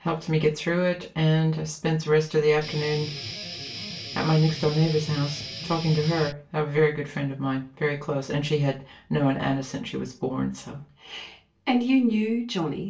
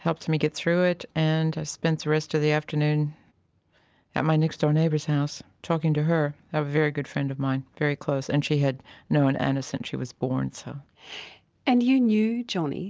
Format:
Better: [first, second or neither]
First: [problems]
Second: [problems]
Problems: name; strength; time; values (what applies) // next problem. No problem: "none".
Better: second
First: background sound (Guitar); 10 dB below the speech // room echo; dies away in 0.3 s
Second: none